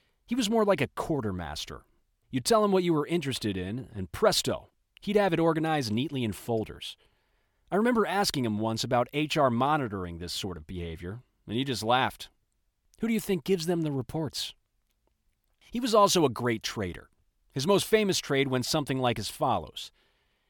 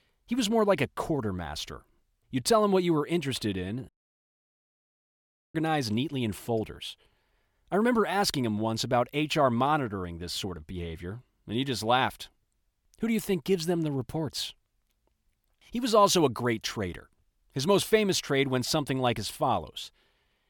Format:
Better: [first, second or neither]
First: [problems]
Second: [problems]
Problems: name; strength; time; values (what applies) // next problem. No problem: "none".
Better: first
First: none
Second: audio cutting out; at 4 s for 1.5 s